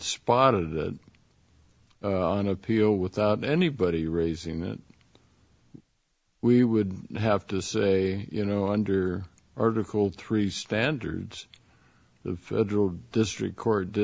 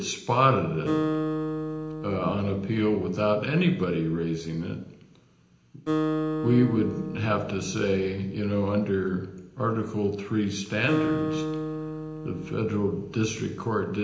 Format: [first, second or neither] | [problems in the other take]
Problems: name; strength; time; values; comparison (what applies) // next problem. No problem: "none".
first | background sound (Acoustic guitar); 6 dB below the speech // room echo; dies away in 0.8 s